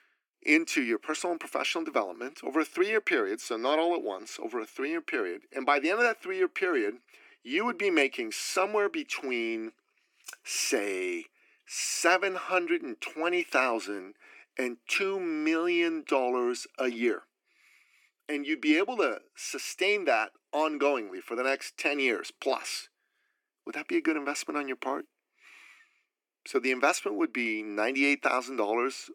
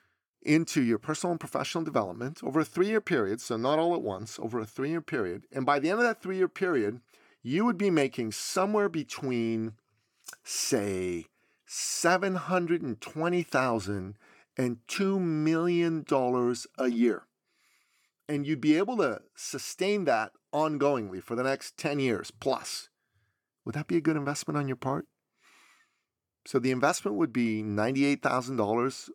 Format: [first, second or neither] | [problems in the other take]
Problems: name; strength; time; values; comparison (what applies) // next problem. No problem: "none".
second | thin; very slightly; fading below 300 Hz